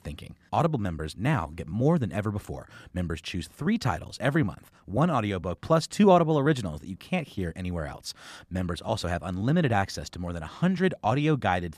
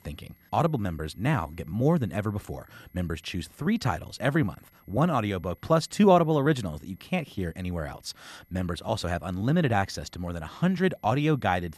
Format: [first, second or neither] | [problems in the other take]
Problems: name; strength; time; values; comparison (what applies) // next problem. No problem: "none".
first | high-pitched whine; faint; throughout; 11.5 kHz, 35 dB below the speech